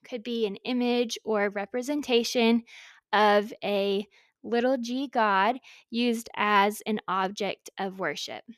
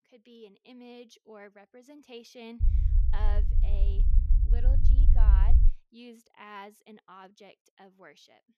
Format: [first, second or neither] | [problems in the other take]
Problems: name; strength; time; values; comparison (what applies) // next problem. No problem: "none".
first | low rumble; loud; from 2.5 to 5.5 s; 1 dB below the speech